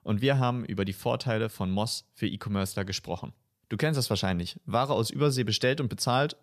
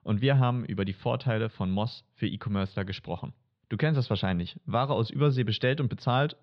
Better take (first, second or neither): first